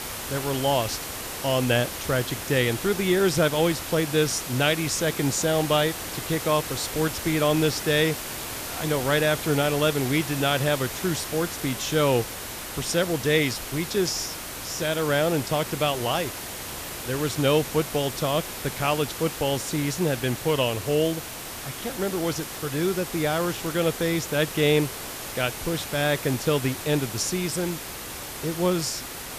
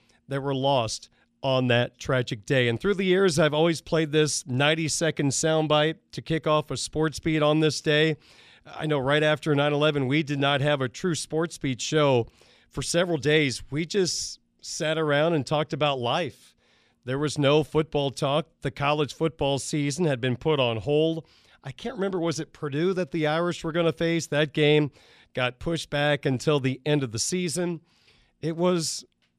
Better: second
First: hiss; loud; throughout; 7 dB below the speech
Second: none

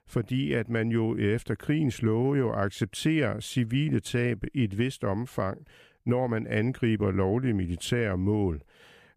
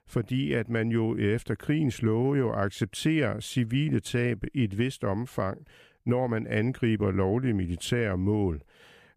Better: neither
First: none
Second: none

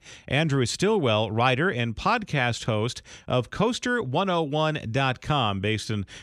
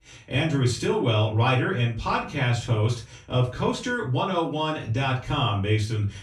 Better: first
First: none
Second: off-mic speech; far // room echo; slight; dies away in 0.3 s

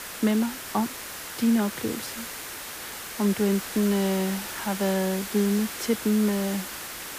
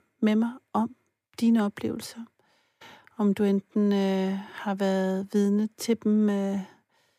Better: second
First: hiss; loud; throughout; 8 dB below the speech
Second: none

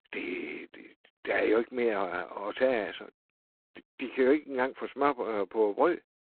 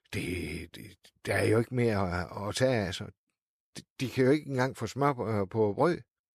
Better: second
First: phone-call audio; poor line; nothing above 4 kHz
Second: none

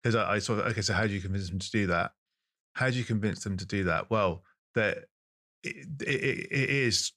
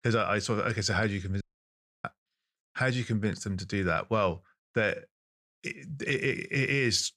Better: first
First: none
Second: audio cutting out; at 1.5 s for 0.5 s

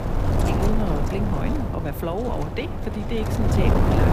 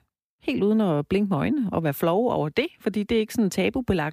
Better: second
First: wind noise on the microphone; heavy; 2 dB above the speech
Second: none

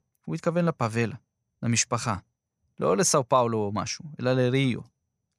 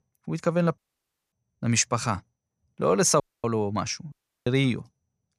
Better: first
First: none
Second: audio cutting out; at 1 s for 0.5 s, at 3 s and at 4 s

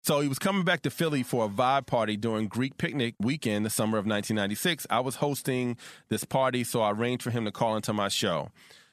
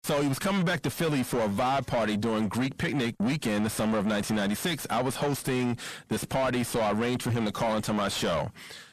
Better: first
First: none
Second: distortion; heavy; 6 dB below the speech

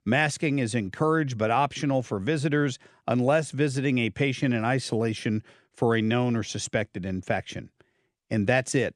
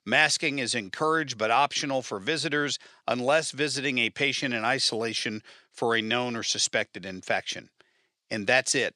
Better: first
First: none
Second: thin; somewhat; fading below 850 Hz

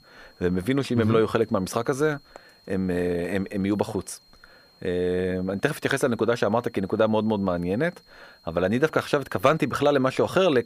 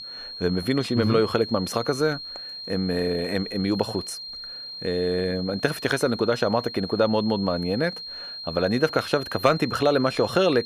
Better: first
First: high-pitched whine; faint; throughout; 4 kHz, 30 dB below the speech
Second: high-pitched whine; loud; throughout; 4 kHz, 10 dB below the speech

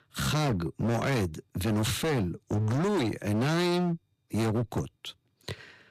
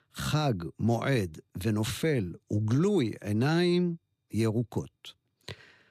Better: second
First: distortion; heavy; 26% of the sound clipped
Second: none

